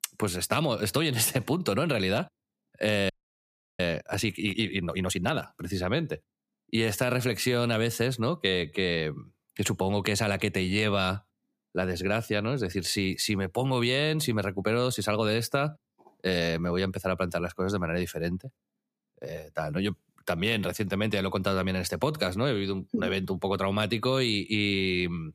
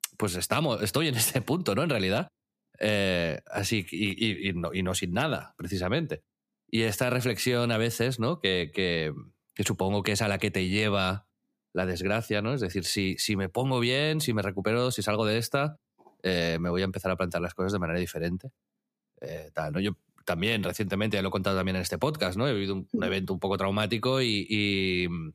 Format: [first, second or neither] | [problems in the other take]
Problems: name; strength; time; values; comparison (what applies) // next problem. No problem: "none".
second | audio freezing; at 3 s for 0.5 s